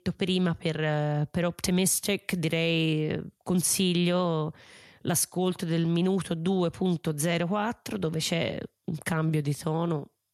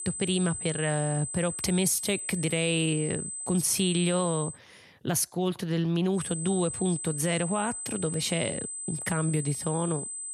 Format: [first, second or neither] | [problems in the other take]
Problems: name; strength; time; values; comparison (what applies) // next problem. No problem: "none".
first | high-pitched whine; loud; until 4.5 s and from 6 s on; 8 kHz, 5 dB below the speech